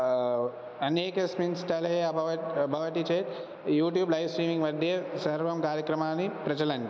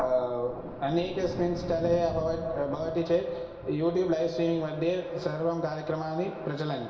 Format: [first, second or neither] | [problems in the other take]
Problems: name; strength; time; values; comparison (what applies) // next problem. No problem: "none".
first | background sound (Thunder); 13 dB below the speech // room echo; dies away in 0.8 s